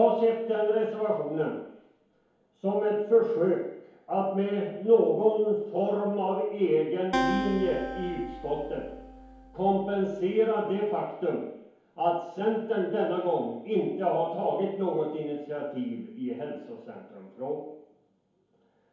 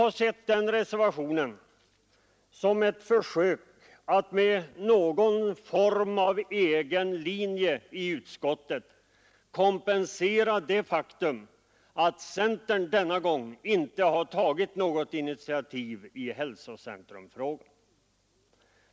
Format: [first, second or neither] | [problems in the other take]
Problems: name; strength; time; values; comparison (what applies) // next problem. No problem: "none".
second | background sound (Acoustic guitar); 7 dB below the speech // room echo; dies away in 1 s